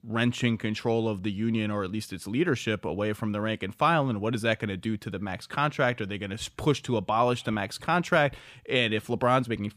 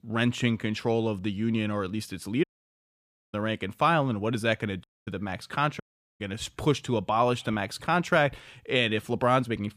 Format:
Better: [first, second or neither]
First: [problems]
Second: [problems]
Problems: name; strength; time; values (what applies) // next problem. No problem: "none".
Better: first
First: none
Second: audio cutting out; at 2.5 s for 1 s, at 5 s and at 6 s